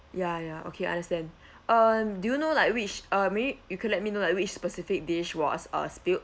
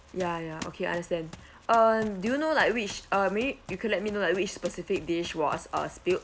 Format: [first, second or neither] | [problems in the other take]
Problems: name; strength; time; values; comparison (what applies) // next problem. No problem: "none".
first | background sound (Run); 19 dB below the speech